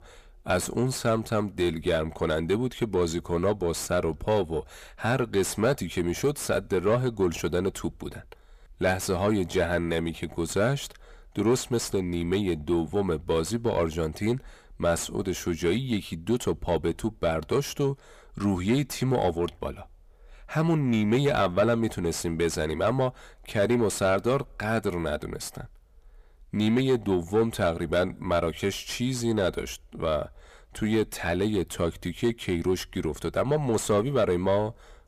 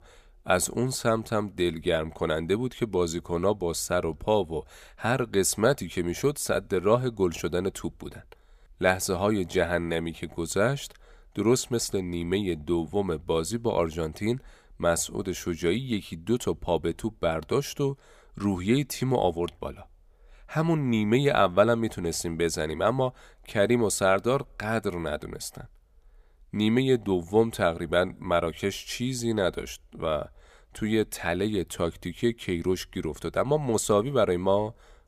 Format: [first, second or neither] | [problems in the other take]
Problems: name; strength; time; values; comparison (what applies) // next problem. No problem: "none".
second | distortion; slight; 10 dB below the speech